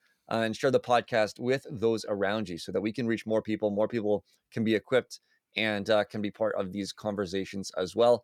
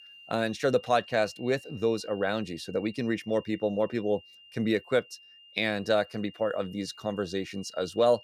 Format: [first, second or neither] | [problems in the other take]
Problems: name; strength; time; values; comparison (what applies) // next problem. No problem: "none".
first | high-pitched whine; faint; throughout; 3 kHz, 20 dB below the speech